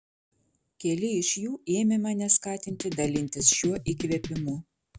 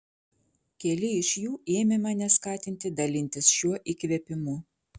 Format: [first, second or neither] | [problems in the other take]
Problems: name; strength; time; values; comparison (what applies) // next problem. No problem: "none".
second | background sound (Drum kit); 8 dB below the speech